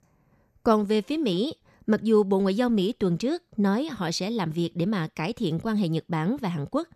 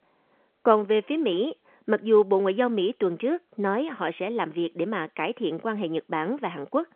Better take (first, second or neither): first